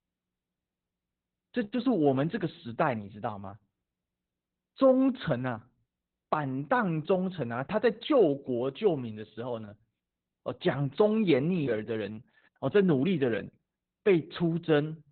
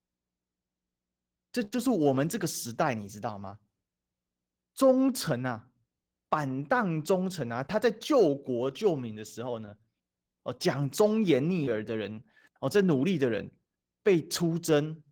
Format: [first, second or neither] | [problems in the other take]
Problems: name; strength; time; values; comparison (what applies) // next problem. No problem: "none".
second | garbled, watery; badly; nothing above 4 kHz; slightly in the second